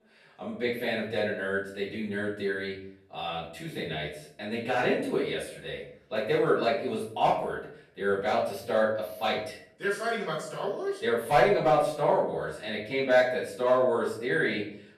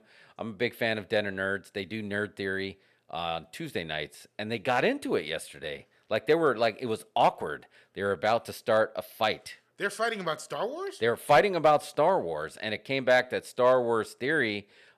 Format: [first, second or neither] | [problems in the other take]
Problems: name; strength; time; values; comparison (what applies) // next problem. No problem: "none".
second | off-mic speech; far // room echo; noticeable; dies away in 0.5 s